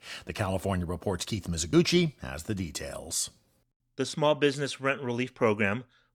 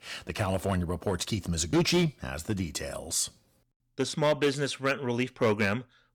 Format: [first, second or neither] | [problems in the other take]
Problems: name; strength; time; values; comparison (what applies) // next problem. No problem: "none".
first | distortion; slight; 3% of the sound clipped